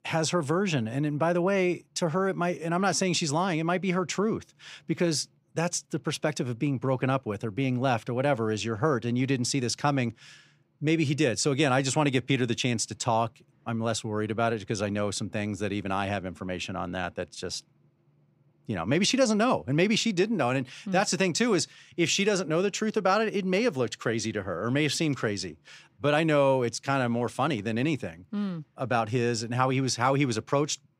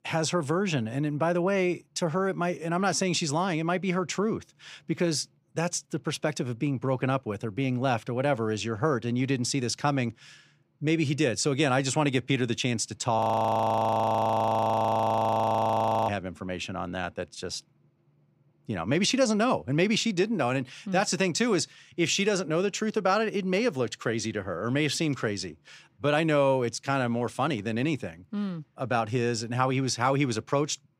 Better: first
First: none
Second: audio freezing; at 13 s for 3 s

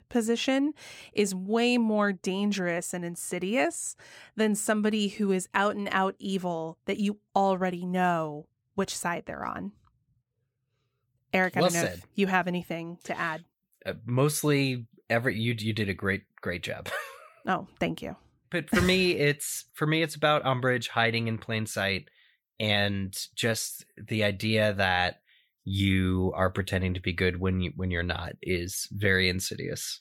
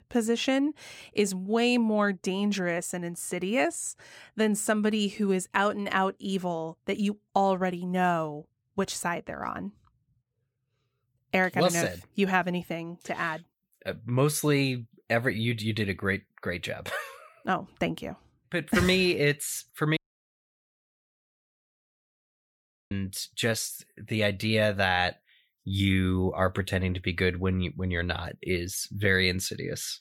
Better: first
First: none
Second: audio cutting out; at 20 s for 3 s

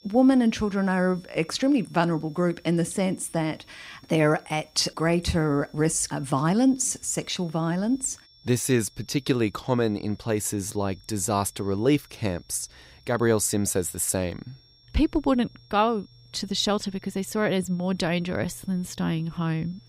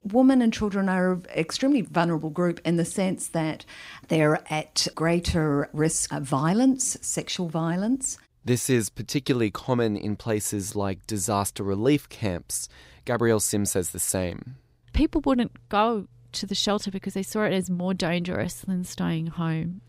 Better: second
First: high-pitched whine; faint; throughout; 5.5 kHz, 30 dB below the speech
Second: none

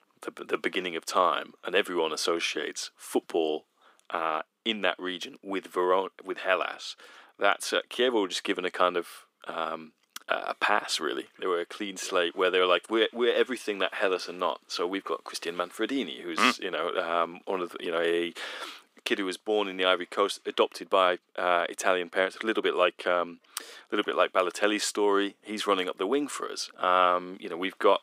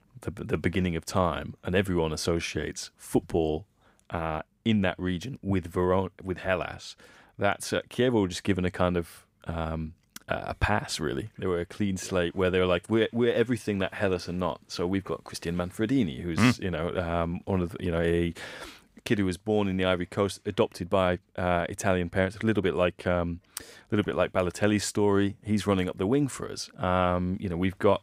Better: second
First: thin; somewhat; fading below 300 Hz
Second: none

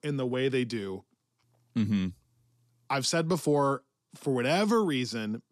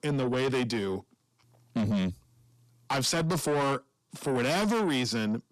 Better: first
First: none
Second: distortion; heavy; 7 dB below the speech

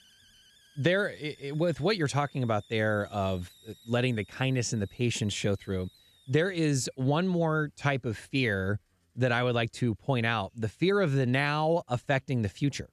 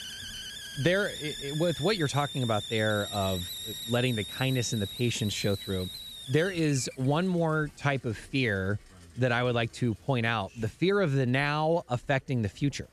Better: first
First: hiss; faint; throughout; 30 dB below the speech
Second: hiss; loud; throughout; 9 dB below the speech

